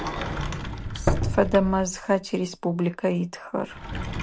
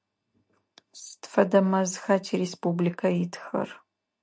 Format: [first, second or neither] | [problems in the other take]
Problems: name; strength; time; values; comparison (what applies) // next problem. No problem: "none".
second | background sound (Sliding door); 4 dB below the speech